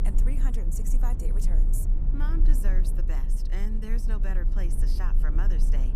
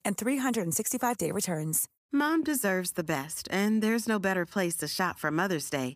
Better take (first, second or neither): second